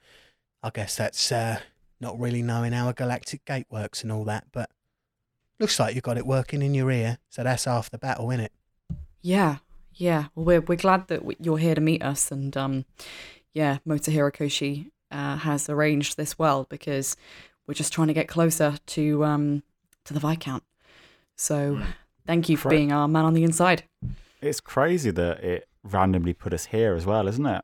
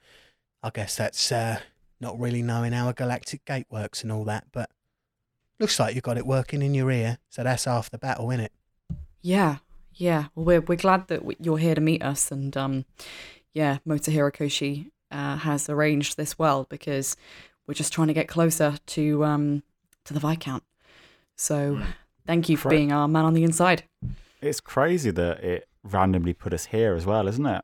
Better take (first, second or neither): neither